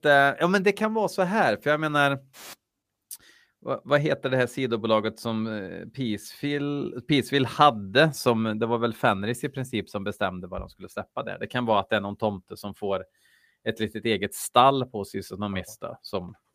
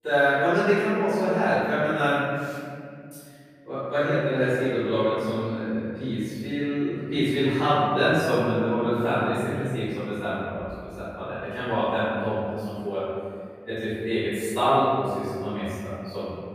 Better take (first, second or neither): first